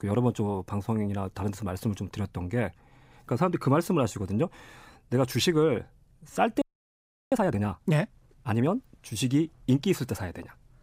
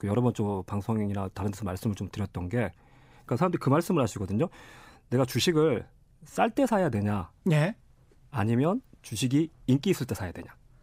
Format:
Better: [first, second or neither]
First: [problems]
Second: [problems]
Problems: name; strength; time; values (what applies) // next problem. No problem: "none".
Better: second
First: audio freezing; at 6.5 s for 0.5 s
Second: none